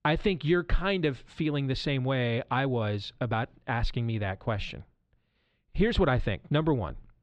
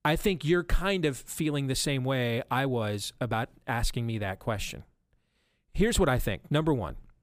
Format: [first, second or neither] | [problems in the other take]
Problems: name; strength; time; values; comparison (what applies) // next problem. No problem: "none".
second | muffled; very slightly; fading above 4 kHz